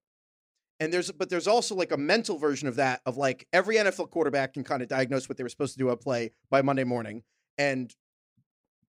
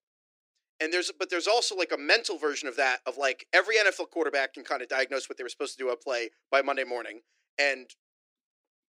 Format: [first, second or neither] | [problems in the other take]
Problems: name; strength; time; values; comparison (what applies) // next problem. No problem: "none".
first | thin; somewhat; fading below 300 Hz